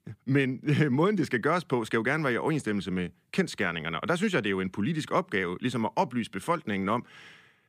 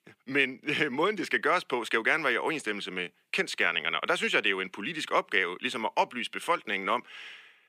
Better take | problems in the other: first | thin; somewhat; fading below 400 Hz

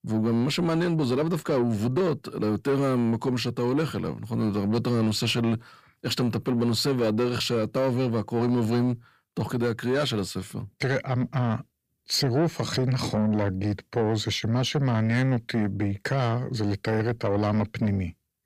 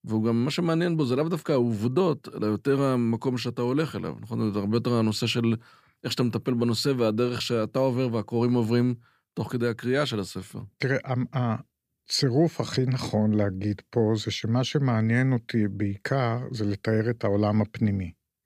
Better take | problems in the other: second | distortion; slight; 10 dB below the speech

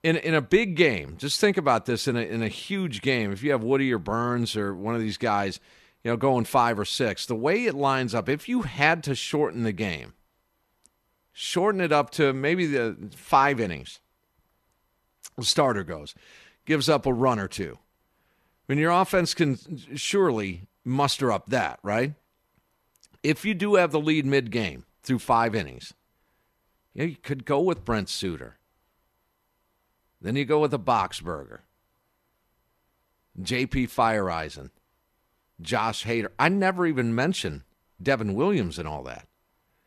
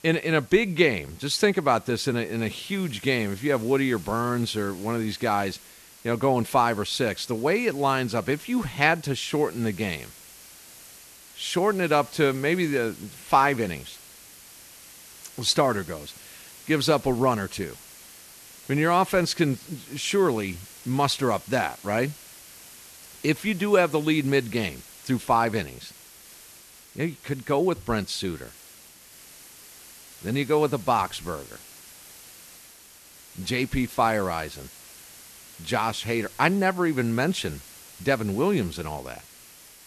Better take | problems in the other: first | hiss; noticeable; throughout; 20 dB below the speech

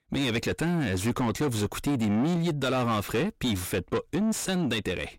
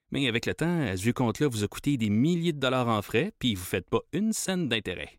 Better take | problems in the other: second | distortion; heavy; 7 dB below the speech

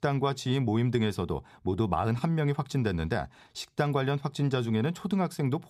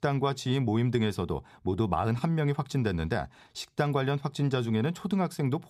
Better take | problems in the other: neither | none

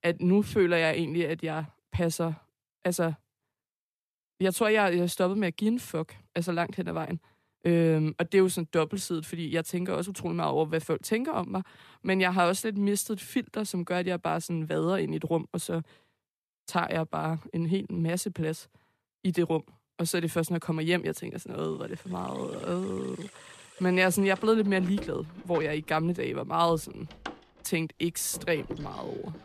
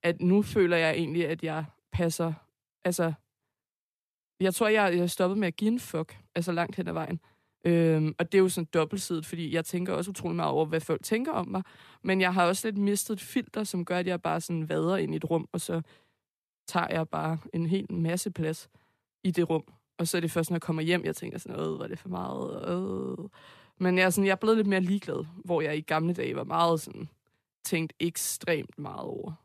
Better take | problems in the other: second | household noises; noticeable; from 22 s on; 20 dB below the speech

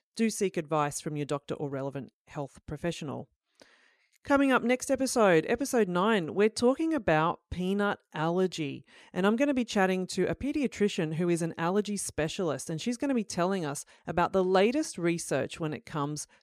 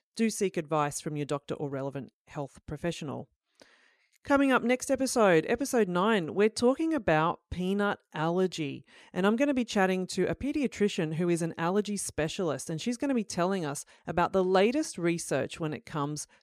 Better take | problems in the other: neither | none

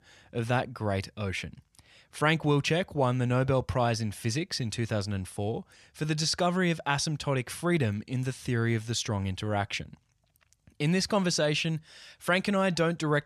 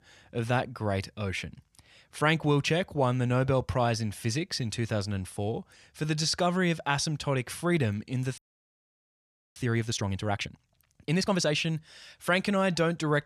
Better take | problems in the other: first | audio freezing; at 8.5 s for 1 s

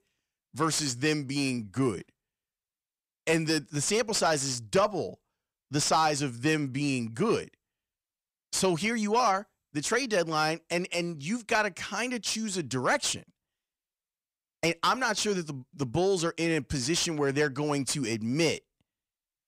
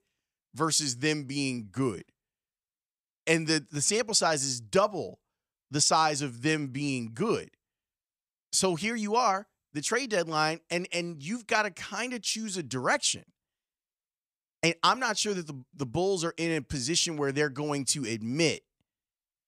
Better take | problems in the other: second | distortion; slight; 10 dB below the speech

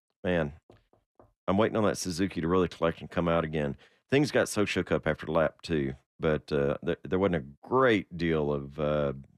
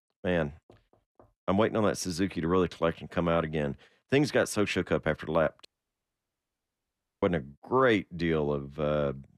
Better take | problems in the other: first | audio cutting out; at 5.5 s for 1.5 s

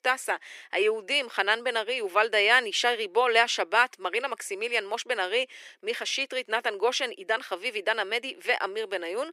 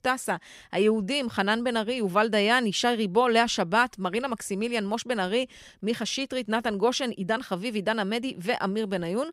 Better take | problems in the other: second | thin; very; fading below 350 Hz

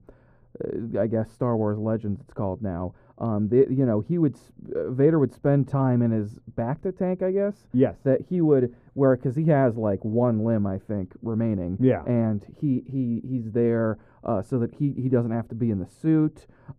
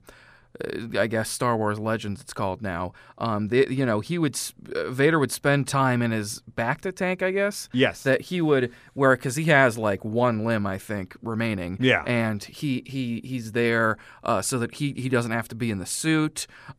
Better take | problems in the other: second | muffled; very; fading above 1.5 kHz

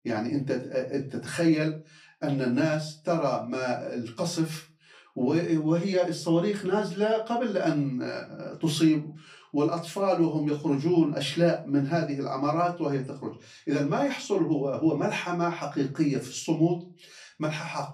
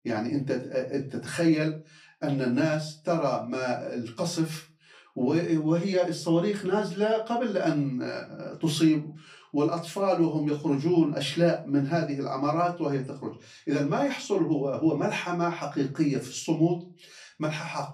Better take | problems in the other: neither | off-mic speech; far; the same in both // room echo; very slight; dies away in 0.3 s; the same in both

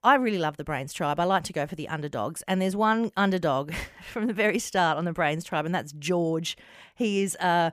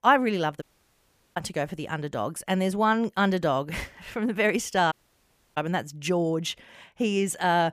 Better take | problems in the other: first | audio cutting out; at 0.5 s for 0.5 s and at 5 s for 0.5 s

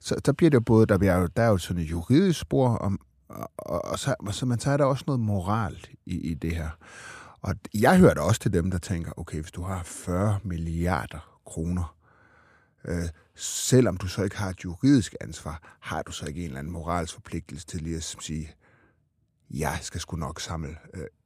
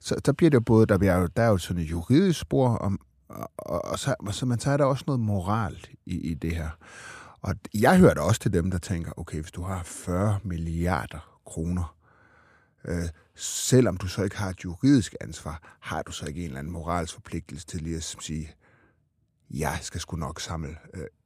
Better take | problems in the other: neither | none

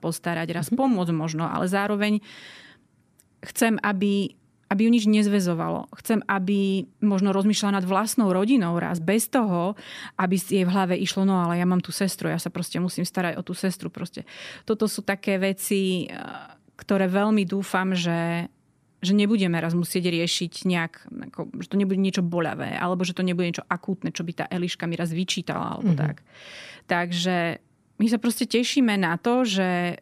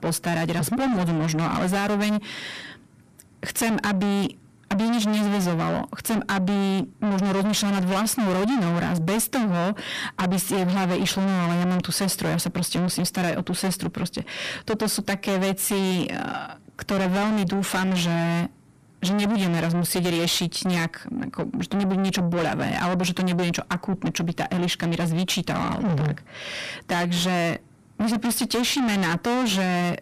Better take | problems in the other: first | distortion; heavy; 5 dB below the speech

